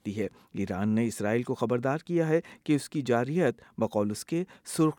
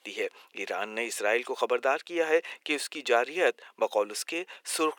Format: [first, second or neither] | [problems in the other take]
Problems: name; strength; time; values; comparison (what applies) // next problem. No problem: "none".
first | thin; very; fading below 450 Hz